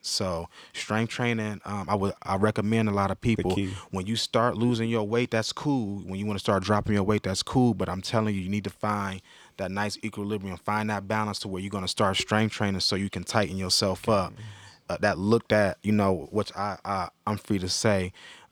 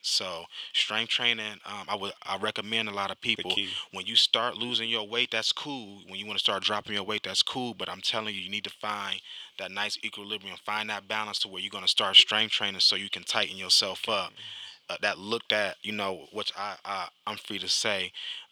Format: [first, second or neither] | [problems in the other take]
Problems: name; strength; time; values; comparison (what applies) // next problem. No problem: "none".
first | thin; somewhat; fading below 750 Hz